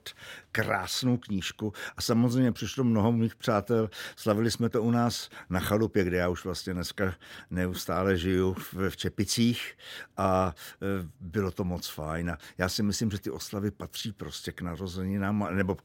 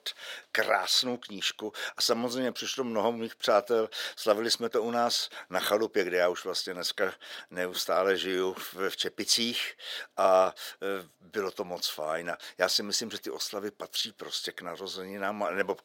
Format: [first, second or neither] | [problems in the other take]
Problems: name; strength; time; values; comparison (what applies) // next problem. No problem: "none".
first | thin; very; fading below 500 Hz